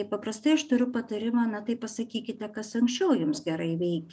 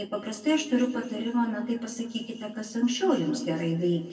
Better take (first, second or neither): first